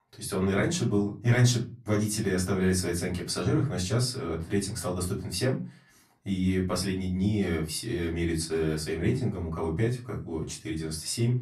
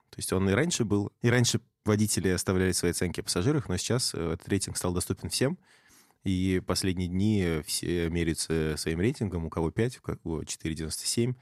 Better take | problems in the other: second | off-mic speech; far // room echo; very slight; dies away in 0.3 s

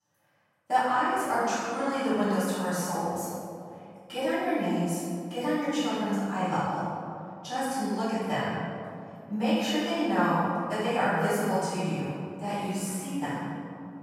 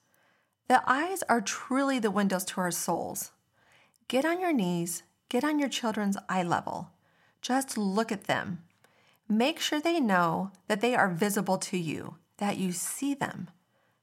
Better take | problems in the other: second | off-mic speech; far // room echo; strong; dies away in 2.4 s

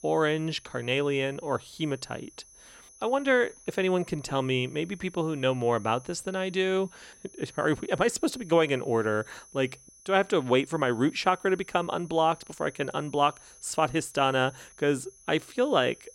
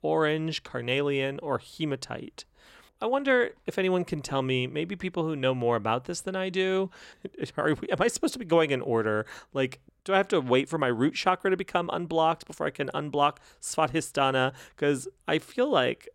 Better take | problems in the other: second | high-pitched whine; faint; throughout; 6 kHz, 25 dB below the speech

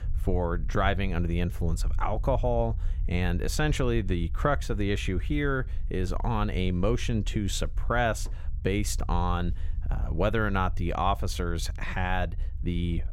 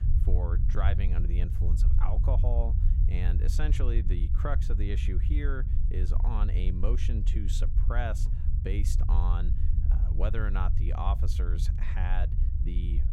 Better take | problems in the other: first | low rumble; loud; throughout; 7 dB below the speech; faint in the first

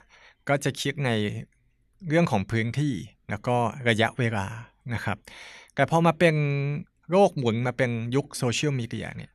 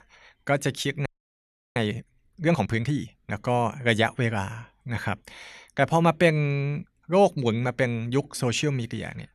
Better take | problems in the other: first | audio freezing; at 1 s for 0.5 s

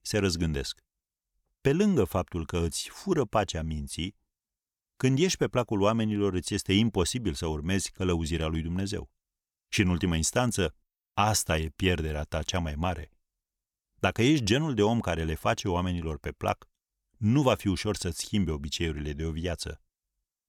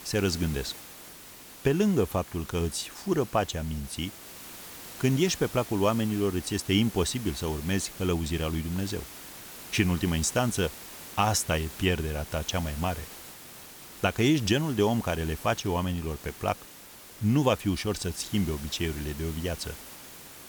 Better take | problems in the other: first | hiss; noticeable; throughout; 15 dB below the speech

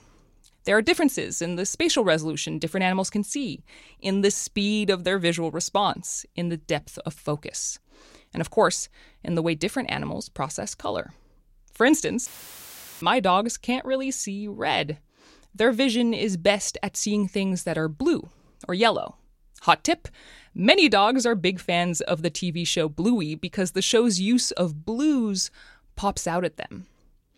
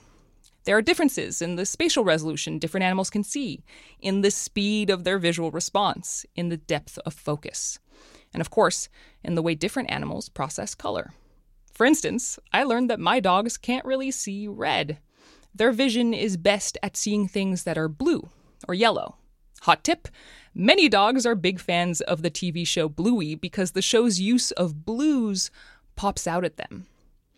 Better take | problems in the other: second | audio cutting out; filled with static; at 12 s for 1 s

